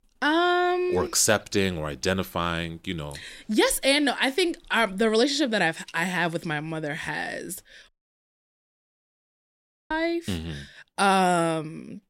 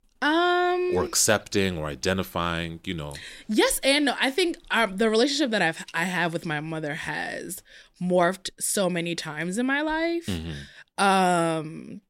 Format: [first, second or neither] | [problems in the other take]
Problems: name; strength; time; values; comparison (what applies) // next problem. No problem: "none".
second | audio cutting out; at 8 s for 2 s